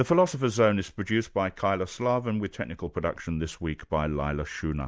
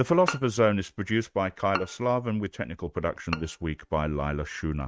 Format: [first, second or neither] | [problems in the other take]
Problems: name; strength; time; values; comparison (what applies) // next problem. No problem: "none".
first | noise reduction (neural mask model RNNoise)